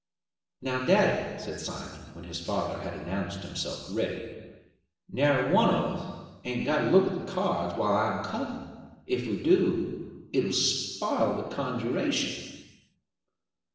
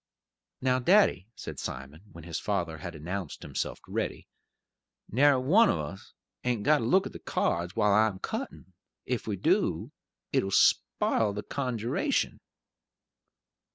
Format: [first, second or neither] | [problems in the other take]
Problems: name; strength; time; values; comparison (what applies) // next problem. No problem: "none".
second | room echo; dies away in 1.2 s